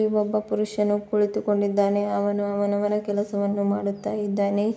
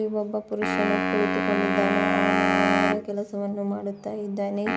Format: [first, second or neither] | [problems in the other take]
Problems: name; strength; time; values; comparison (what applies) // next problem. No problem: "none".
first | background sound (Wind instrument, woodwind instrument); 2 dB above the speech